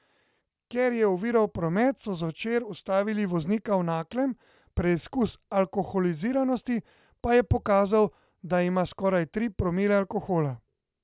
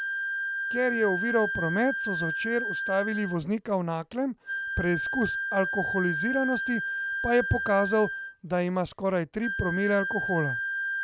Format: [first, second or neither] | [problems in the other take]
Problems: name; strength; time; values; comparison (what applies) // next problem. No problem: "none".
first | background sound (Wind instrument, woodwind instrument); 3 dB below the speech